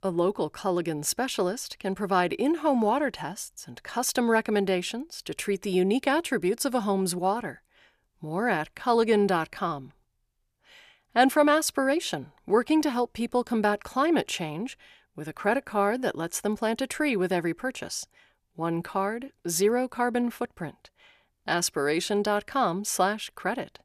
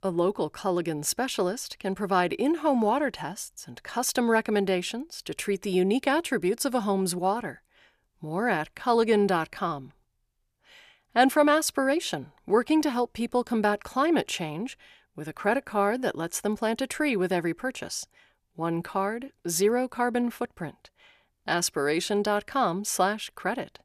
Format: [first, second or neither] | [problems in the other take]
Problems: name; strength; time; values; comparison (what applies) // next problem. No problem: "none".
neither | none